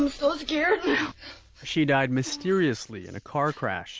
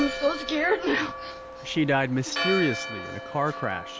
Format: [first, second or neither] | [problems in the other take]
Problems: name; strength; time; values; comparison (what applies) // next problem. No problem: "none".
first | background sound (Church bell); 7 dB below the speech